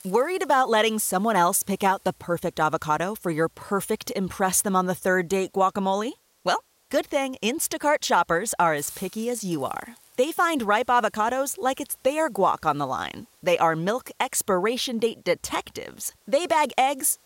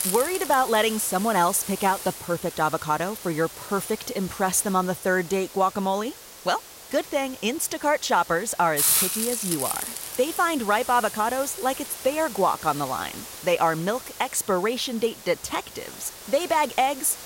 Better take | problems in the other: first | hiss; loud; throughout; 7 dB below the speech; faint in the first

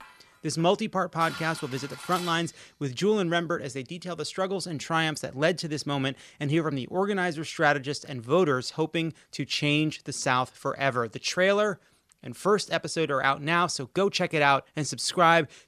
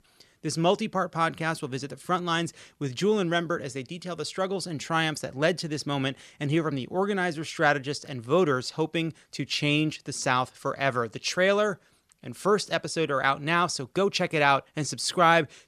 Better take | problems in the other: second | clattering dishes; faint; until 2.5 s; peak 10 dB below the speech

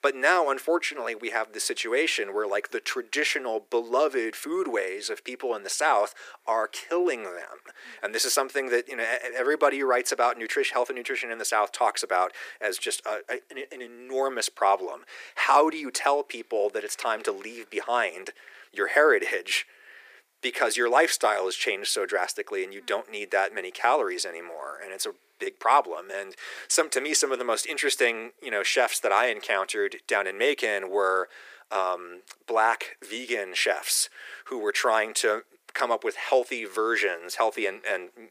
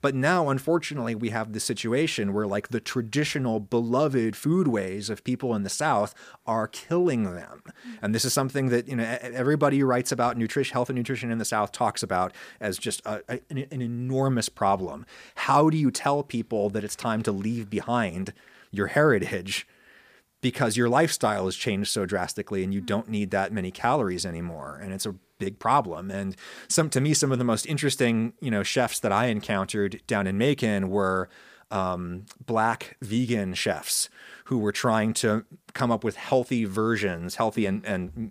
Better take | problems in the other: second | thin; very; fading below 350 Hz

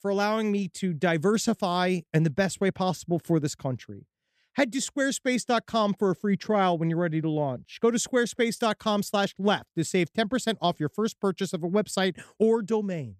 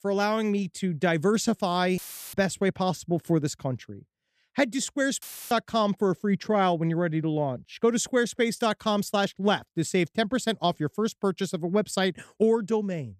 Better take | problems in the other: first | audio cutting out; filled with static; at 2 s and at 5 s

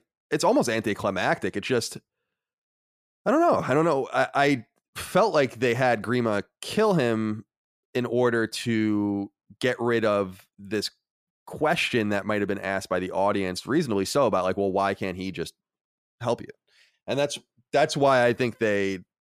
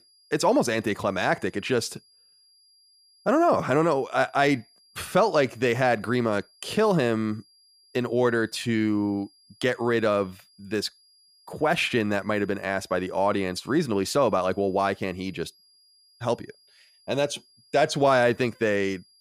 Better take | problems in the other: first | high-pitched whine; faint; throughout; 5 kHz, 30 dB below the speech

